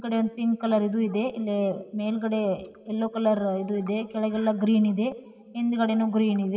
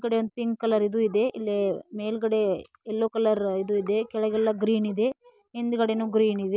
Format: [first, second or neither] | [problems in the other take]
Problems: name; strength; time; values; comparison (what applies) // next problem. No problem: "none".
second | room echo; dies away in 2.4 s